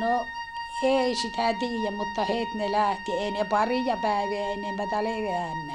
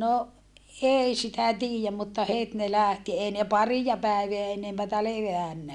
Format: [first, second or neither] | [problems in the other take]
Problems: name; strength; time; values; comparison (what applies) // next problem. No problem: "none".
second | background sound (Wind instrument, woodwind instrument); 7 dB below the speech